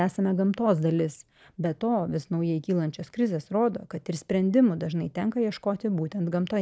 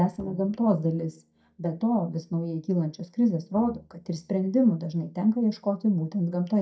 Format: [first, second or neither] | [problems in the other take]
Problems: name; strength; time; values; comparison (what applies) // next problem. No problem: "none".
first | noise reduction (neural mask model DeepFilterNet 3)